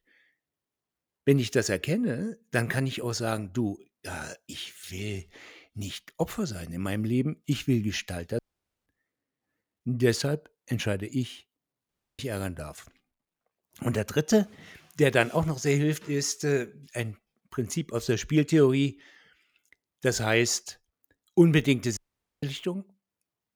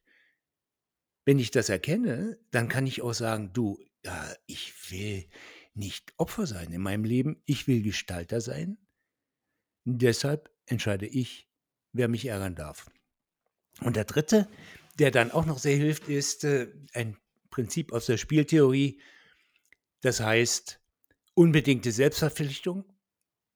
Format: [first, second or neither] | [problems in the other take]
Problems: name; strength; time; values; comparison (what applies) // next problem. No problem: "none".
second | audio cutting out; at 8.5 s, at 12 s and at 22 s